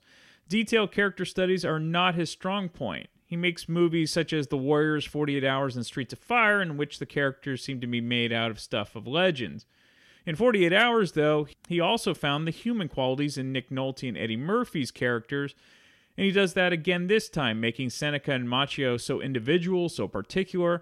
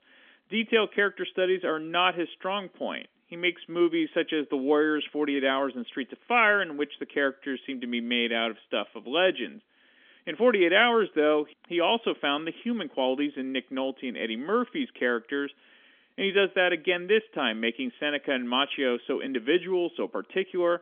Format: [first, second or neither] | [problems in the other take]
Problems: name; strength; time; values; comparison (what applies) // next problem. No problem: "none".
first | phone-call audio; nothing above 3.5 kHz